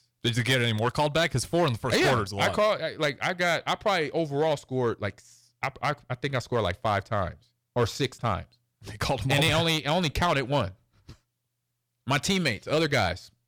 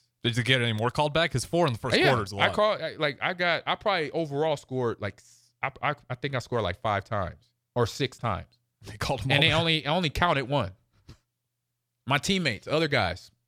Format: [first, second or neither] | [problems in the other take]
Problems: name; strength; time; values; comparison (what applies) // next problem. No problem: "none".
second | distortion; slight; 4% of the sound clipped